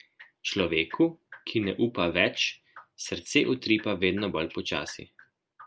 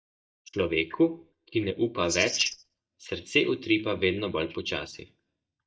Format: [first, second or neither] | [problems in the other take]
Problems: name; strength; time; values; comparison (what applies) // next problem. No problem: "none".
first | noise reduction (neural mask model DeepFilterNet 3)